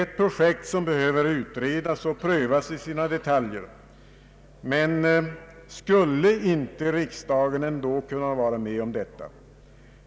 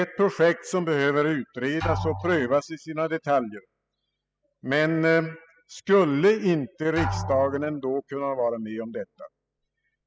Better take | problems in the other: first | noise reduction (classical method spectral subtraction)

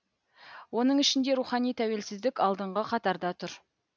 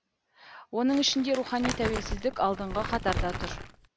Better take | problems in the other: first | background sound (Crumpling, crinkling); 5 dB below the speech

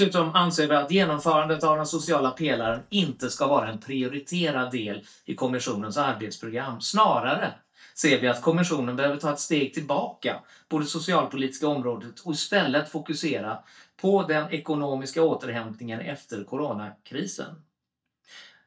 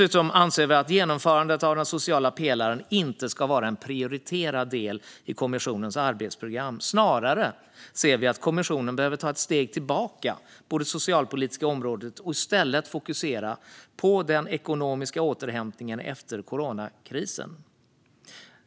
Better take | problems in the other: second | noise reduction (neural mask model DeepFilterNet 3)

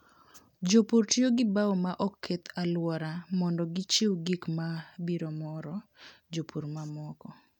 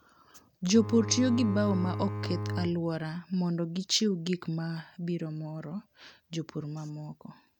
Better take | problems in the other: first | background sound (Bowed string instrument); 4 dB below the speech

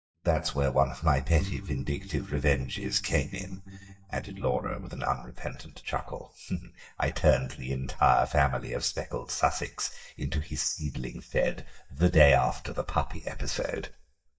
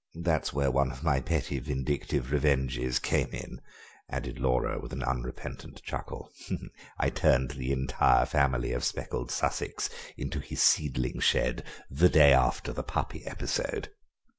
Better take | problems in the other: second | noise reduction (neural mask model DeepFilterNet 3)

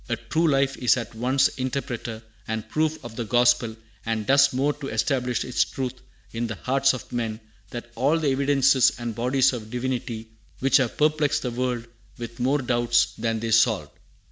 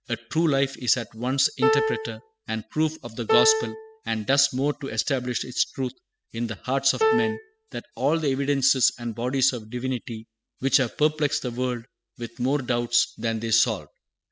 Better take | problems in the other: first | noise reduction (classical method spectral subtraction)

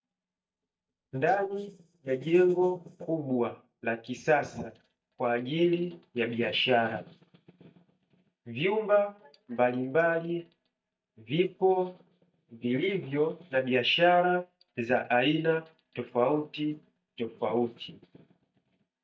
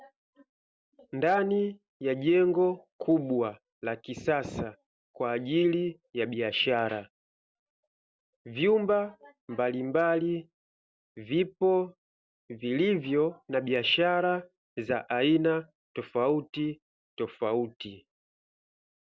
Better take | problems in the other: second | noise reduction (neural mask model DeepFilterNet 3)

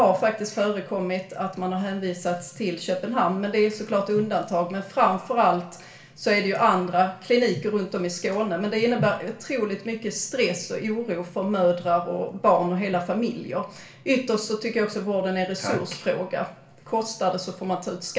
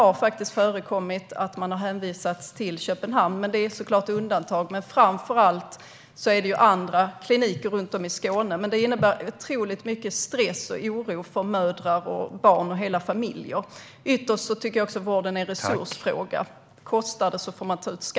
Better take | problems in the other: second | room echo; dies away in 0.3 s

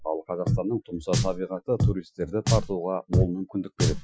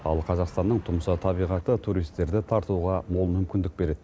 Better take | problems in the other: second | noise reduction (classical method Wiener filter)

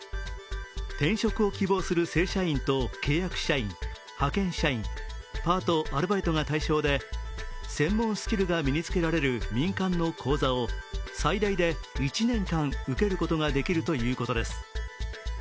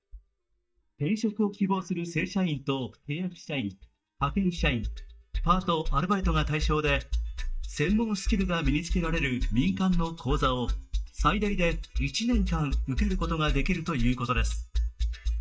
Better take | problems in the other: first | noise reduction (neural mask model DeepFilterNet 3)

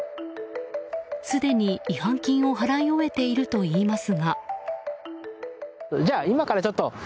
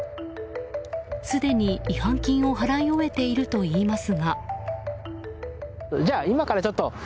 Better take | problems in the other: first | background sound (Engine / Car); 12 dB below the speech

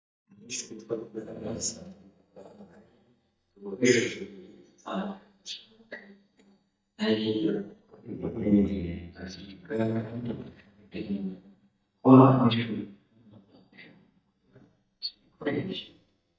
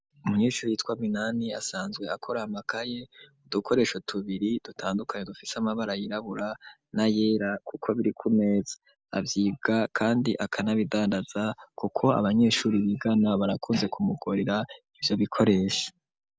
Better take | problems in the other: second | noise reduction (neural mask model DeepFilterNet 3)

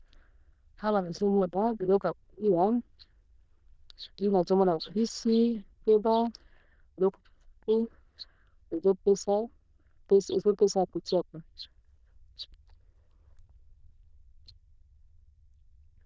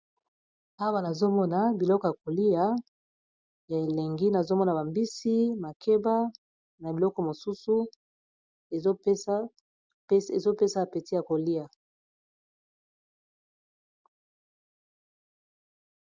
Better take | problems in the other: second | noise reduction (neural diffusion model UNIVERSE++)

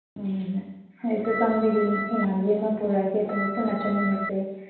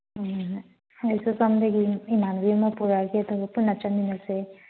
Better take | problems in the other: second | background sound (Organ); 6 dB below the speech // room echo; dies away in 0.9 s

